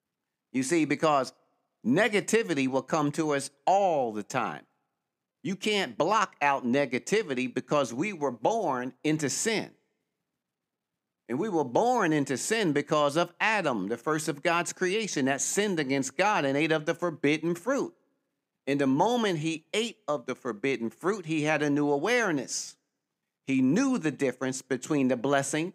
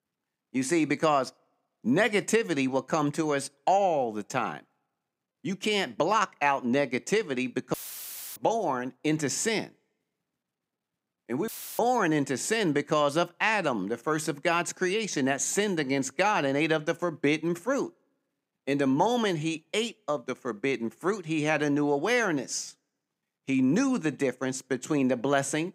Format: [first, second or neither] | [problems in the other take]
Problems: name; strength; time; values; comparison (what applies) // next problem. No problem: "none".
first | audio cutting out; filled with static; at 7.5 s for 0.5 s and at 11 s